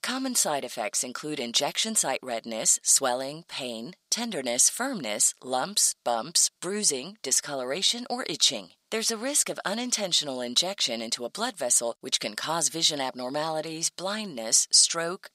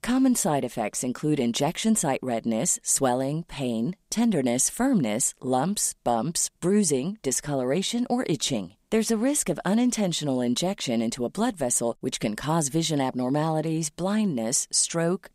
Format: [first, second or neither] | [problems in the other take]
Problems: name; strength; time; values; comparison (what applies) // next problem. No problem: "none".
second | thin; somewhat; fading below 1 kHz